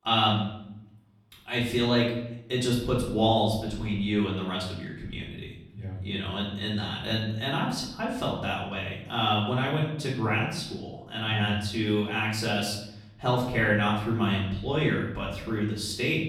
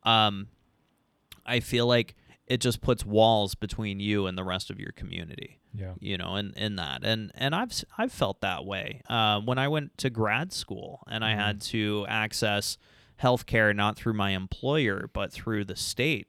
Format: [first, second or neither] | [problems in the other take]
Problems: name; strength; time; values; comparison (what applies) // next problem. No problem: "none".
second | off-mic speech; far // room echo; noticeable; dies away in 0.8 s